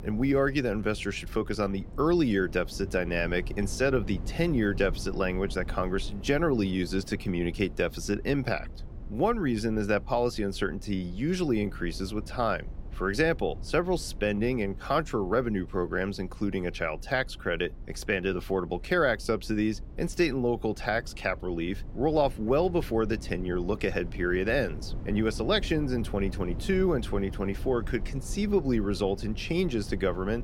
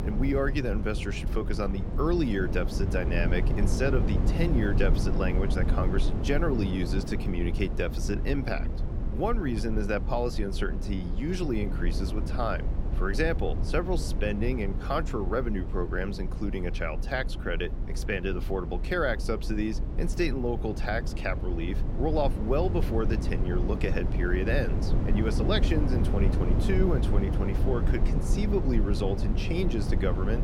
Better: first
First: low rumble; faint; throughout; 20 dB below the speech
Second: low rumble; loud; throughout; 8 dB below the speech

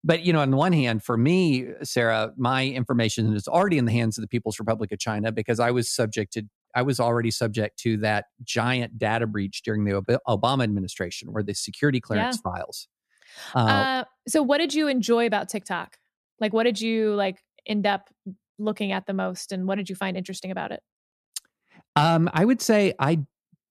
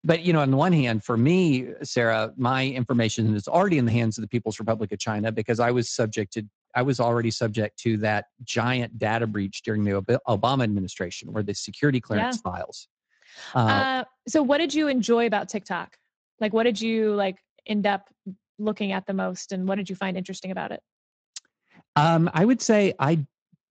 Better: first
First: none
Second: garbled, watery; slightly; nothing above 7.5 kHz

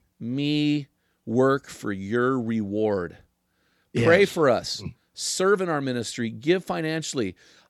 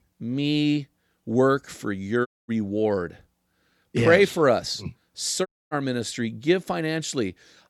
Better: first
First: none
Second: audio cutting out; at 2.5 s and at 5.5 s

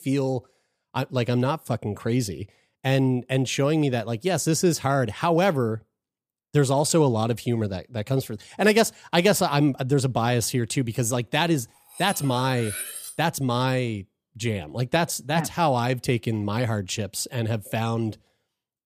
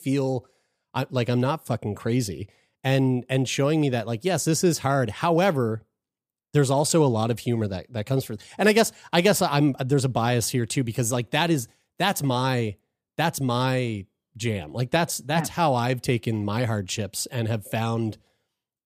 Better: second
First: clattering dishes; noticeable; from 12 to 13 s; peak 7 dB below the speech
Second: none

